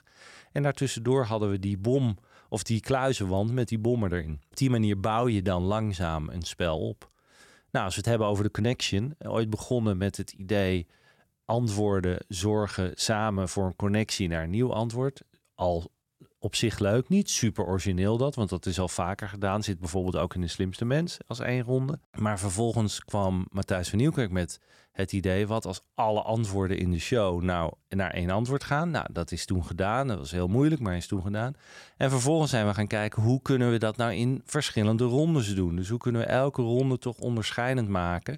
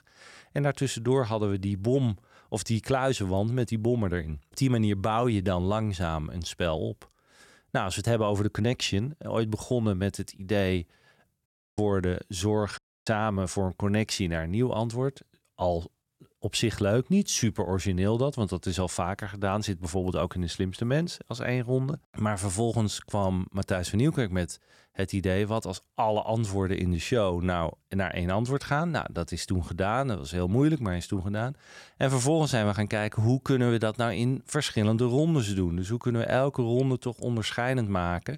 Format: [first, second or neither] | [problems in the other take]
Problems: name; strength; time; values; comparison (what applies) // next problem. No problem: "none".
first | audio cutting out; at 11 s and at 13 s